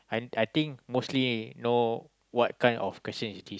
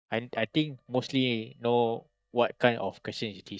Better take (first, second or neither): first